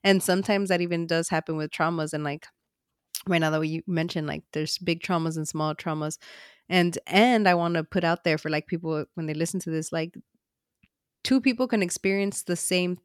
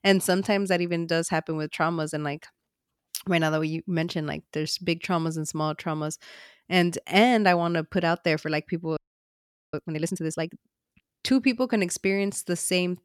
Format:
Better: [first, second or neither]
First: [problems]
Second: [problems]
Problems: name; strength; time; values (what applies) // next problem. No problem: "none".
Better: first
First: none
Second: audio freezing; at 9 s for 1 s